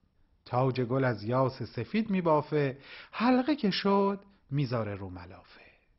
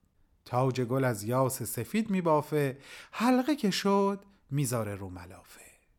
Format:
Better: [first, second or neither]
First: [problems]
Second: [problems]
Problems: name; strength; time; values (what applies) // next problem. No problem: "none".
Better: second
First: garbled, watery; badly; nothing above 5.5 kHz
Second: none